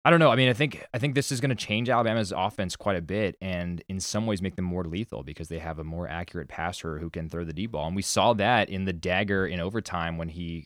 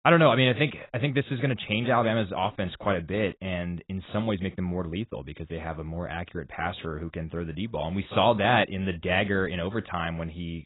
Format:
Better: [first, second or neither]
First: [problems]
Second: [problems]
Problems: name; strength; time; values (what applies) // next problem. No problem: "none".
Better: first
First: none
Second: garbled, watery; badly; nothing above 4 kHz